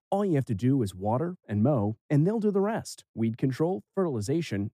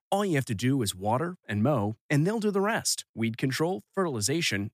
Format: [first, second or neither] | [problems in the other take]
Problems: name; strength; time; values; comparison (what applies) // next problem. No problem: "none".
second | muffled; slightly; fading above 1 kHz